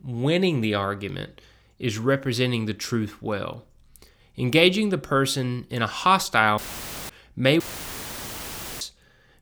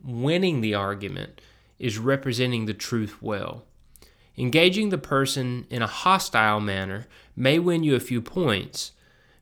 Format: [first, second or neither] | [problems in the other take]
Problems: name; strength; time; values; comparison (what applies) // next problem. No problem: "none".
second | audio cutting out; filled with static; at 6.5 s for 0.5 s and at 7.5 s for 1 s